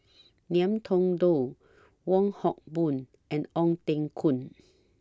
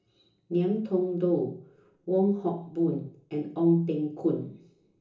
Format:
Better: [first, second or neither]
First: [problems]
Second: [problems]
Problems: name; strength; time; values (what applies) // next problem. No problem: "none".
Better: first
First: none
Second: room echo; dies away in 0.8 s